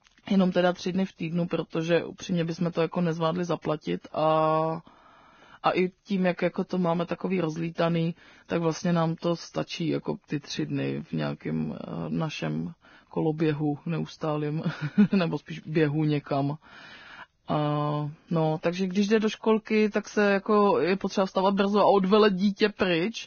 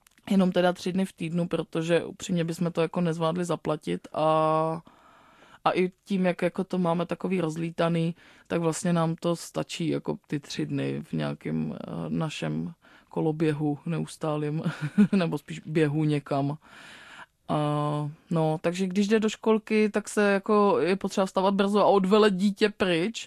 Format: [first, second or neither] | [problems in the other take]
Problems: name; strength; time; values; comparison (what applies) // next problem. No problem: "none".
second | garbled, watery; badly; nothing above 6.5 kHz; slightly in the second